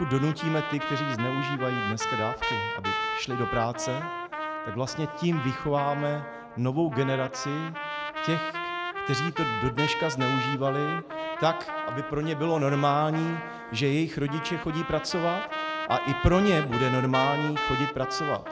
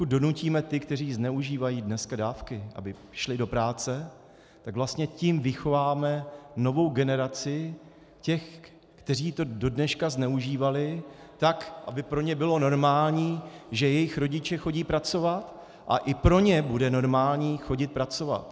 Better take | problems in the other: second | background sound (Trumpet); 4 dB below the speech

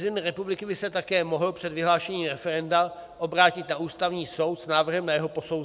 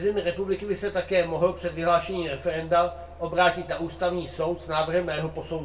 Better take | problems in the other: first | background sound (Mechanical fan); 19 dB below the speech // room echo; dies away in 0.2 s

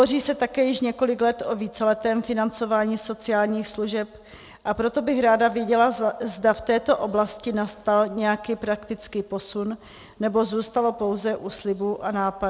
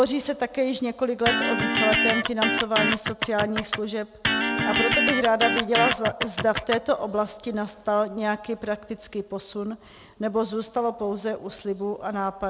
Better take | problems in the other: first | background sound (Electric guitar); 1 dB above the speech

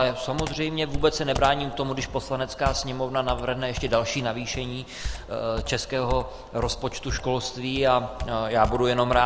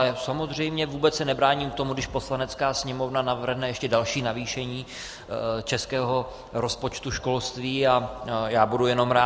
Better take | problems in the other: second | background sound (Computer keyboard); 9 dB below the speech

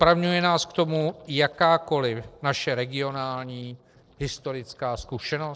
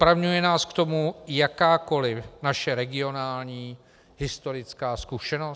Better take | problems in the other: second | noise reduction (neural separator model SepFormer DNS4)

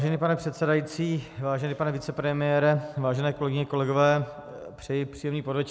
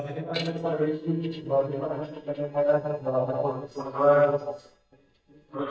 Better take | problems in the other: first | noise reduction (neural mask model DeepFilterNet 3)

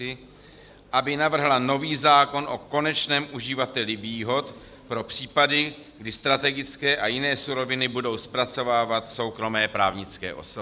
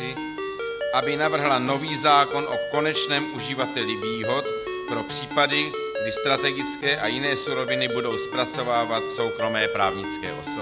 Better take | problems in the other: first | background sound (Ringtone); 4 dB below the speech

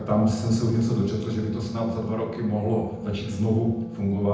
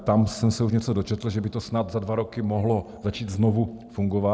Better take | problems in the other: second | background sound (Wind instrument, woodwind instrument); 18 dB below the speech // room echo; dies away in 0.9 s

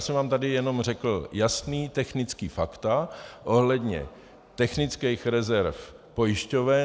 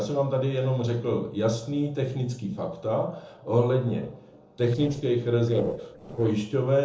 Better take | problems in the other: first | noise reduction (neural separator model SepFormer DNS4)

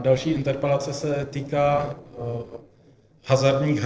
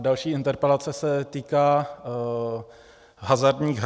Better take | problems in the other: second | noise reduction (neural separator model SepFormer DNS4)

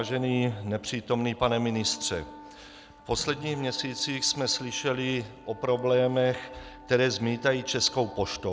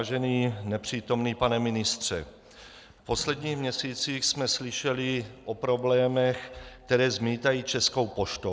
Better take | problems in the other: second | background sound (Wind instrument, woodwind instrument); 19 dB below the speech

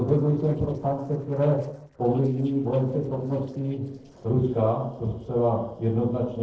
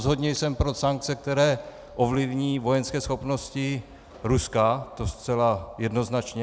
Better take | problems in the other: second | noise reduction (neural separator model SepFormer DNS4)

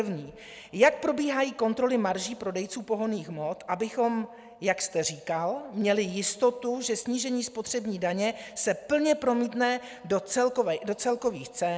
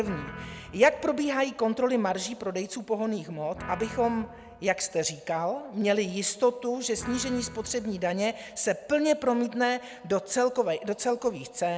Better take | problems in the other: first | background sound (Guitar); 17 dB below the speech

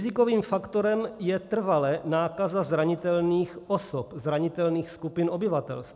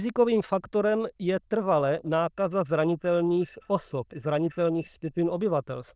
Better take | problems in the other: first | noise reduction (neural diffusion model UNIVERSE++)

